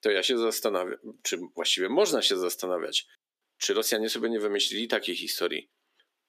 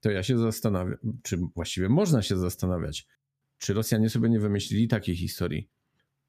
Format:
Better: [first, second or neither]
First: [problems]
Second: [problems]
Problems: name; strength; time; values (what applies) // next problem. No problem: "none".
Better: second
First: thin; very; fading below 300 Hz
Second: none